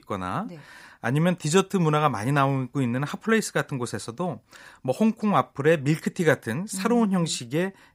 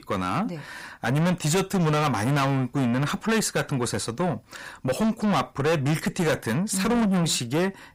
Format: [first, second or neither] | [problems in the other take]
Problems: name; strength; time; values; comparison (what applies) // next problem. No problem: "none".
first | distortion; heavy; 5 dB below the speech